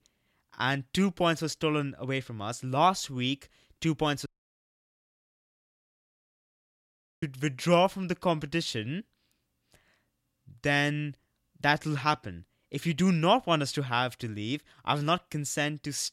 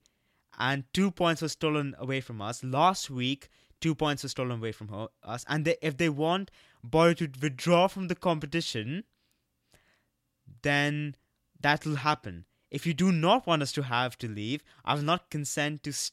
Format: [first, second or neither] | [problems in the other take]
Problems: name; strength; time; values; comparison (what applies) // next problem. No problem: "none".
second | audio cutting out; at 4.5 s for 3 s